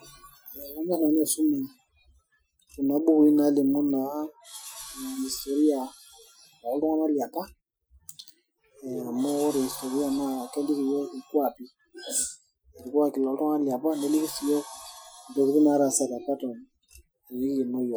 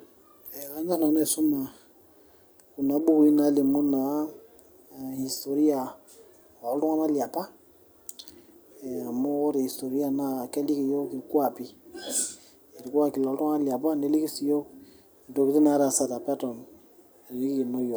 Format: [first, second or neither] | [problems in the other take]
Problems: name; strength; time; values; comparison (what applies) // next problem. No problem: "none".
second | noise reduction (classical method Wiener filter)